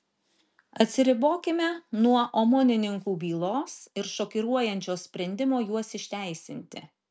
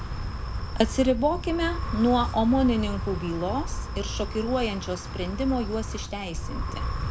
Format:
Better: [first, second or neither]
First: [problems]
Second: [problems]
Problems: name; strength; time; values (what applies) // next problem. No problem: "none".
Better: first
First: none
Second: background sound (Wind + Camera); 4 dB below the speech